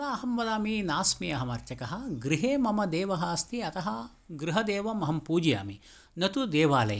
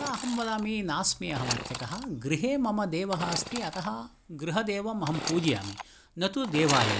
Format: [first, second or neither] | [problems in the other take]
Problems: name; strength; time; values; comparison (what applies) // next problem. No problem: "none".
first | background sound (Sawing / Engine); 7 dB below the speech